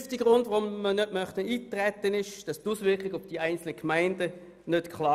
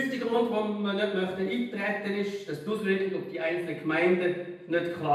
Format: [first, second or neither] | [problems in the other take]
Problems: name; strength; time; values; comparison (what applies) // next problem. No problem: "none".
first | room echo; dies away in 0.9 s